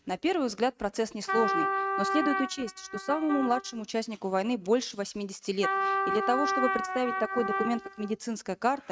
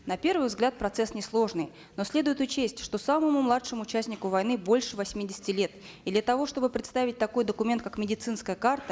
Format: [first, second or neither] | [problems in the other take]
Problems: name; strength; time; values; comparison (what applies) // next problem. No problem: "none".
second | noise reduction (neural mask model RNNoise)